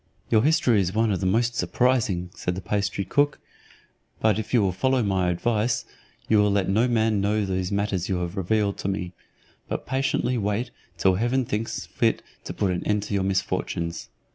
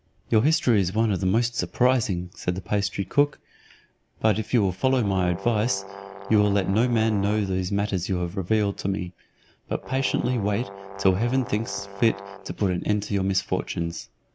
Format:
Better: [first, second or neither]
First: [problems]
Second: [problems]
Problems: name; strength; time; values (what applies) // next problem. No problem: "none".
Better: first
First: none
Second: background sound (Brass instrument); 15 dB below the speech